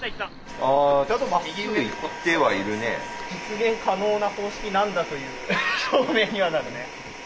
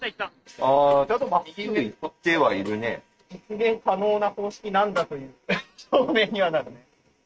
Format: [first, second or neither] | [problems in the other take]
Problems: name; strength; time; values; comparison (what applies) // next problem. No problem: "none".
first | noise reduction (neural mask model RNNoise)